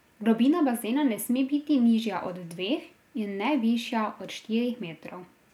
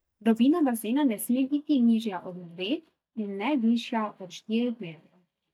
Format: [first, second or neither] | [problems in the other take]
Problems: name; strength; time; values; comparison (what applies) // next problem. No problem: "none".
first | noise reduction (neural mask model DeepFilterNet 3)